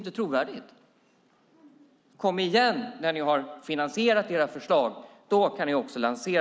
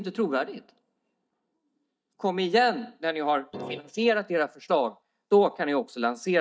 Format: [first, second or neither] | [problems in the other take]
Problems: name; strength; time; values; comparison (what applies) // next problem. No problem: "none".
first | noise reduction (neural mask model DeepFilterNet 3)